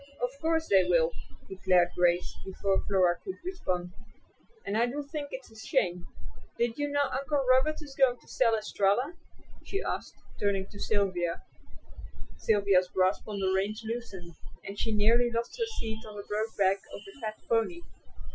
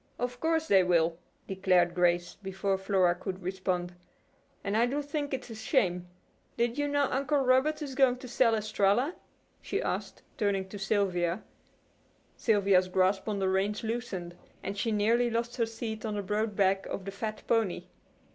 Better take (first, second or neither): second